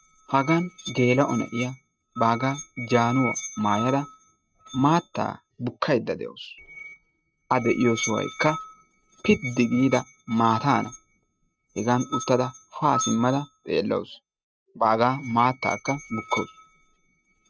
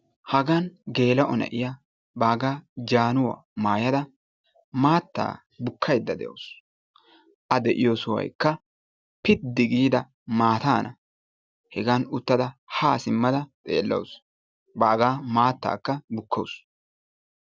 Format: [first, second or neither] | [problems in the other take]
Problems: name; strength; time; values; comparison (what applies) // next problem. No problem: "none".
second | noise reduction (neural mask model RNNoise)